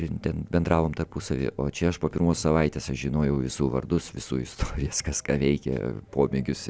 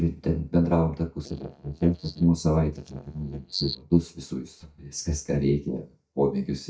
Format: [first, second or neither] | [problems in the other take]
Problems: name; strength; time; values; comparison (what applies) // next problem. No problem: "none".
first | noise reduction (neural mask model DeepFilterNet 3)